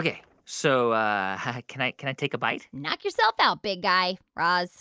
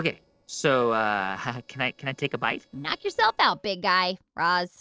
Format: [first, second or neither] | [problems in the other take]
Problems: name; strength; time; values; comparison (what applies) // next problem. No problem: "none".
first | noise reduction (neural separator model SepFormer DNS4)